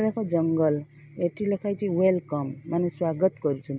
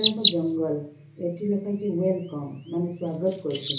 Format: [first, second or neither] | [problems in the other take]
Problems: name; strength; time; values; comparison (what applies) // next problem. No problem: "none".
first | background sound (Chirp, tweet); 4 dB below the speech // room echo; dies away in 0.8 s